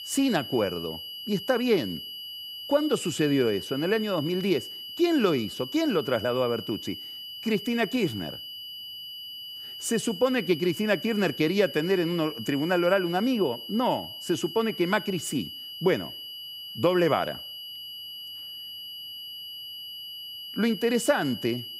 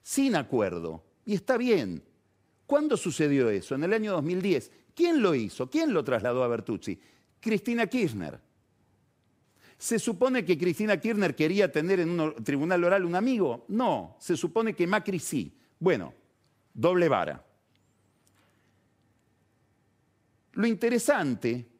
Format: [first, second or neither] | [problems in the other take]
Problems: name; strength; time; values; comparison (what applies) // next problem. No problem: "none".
second | high-pitched whine; noticeable; throughout; 3 kHz, 10 dB below the speech